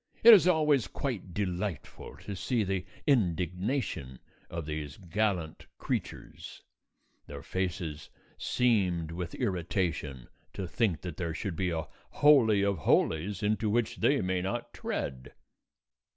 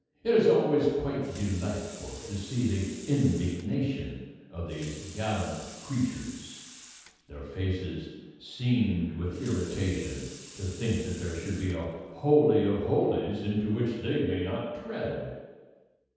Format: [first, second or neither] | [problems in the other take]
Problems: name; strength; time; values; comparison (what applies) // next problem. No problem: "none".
first | background sound (Sink (filling or washing) / Water tap, faucet); 19 dB below the speech // room echo; dies away in 1.2 s